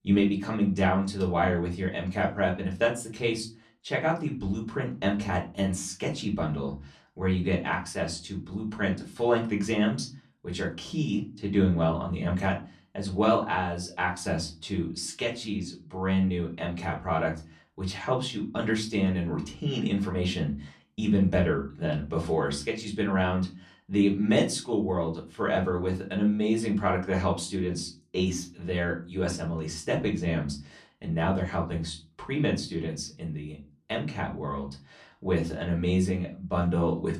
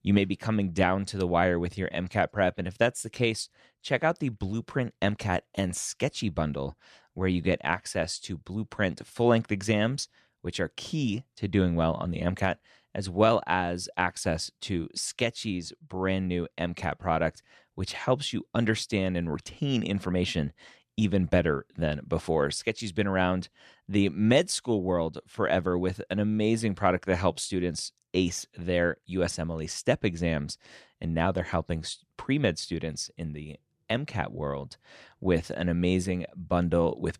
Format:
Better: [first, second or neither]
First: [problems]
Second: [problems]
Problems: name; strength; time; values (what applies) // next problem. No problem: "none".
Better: second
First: off-mic speech; far // room echo; very slight; dies away in 0.3 s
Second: none